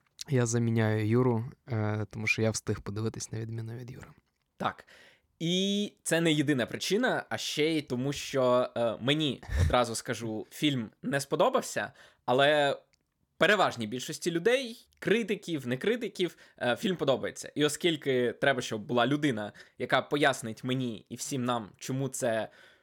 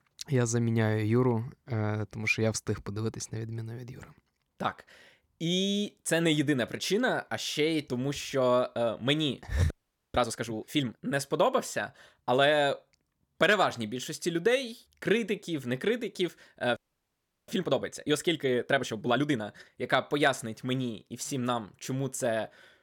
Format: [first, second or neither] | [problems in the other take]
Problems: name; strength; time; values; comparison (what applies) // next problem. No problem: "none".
first | audio freezing; at 9.5 s and at 17 s for 0.5 s